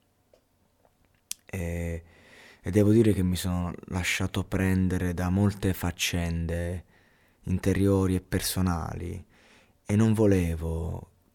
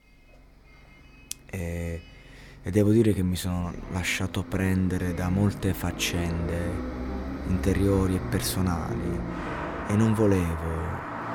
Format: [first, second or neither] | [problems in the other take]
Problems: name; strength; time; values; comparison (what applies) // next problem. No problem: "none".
first | traffic noise; loud; throughout; 8 dB below the speech